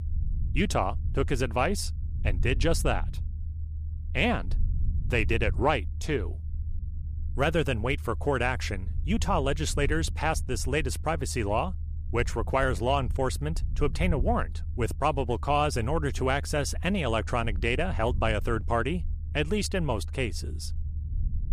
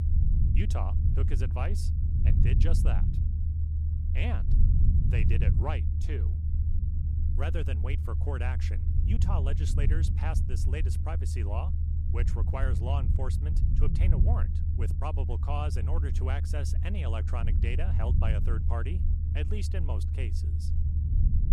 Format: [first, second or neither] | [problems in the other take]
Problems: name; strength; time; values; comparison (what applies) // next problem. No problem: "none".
first | low rumble; loud; throughout; 4 dB below the speech; faint in the first